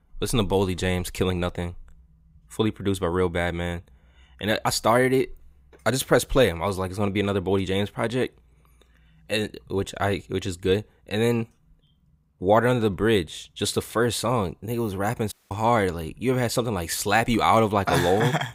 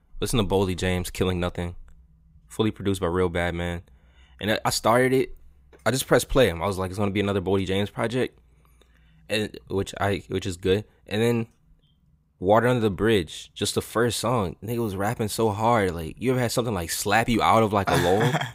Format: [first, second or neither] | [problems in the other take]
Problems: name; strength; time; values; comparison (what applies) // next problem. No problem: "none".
second | audio cutting out; at 15 s